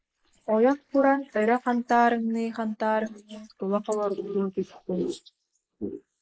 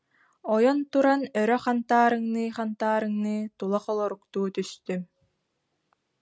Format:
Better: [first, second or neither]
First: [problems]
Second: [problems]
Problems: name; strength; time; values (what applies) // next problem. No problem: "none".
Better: second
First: noise reduction (neural mask model Resemble Enhance denoiser)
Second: none